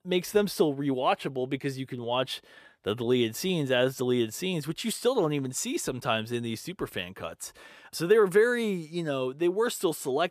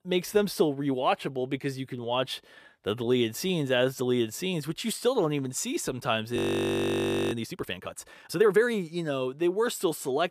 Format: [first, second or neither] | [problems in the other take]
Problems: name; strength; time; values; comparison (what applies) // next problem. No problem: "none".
first | audio freezing; at 6.5 s for 1 s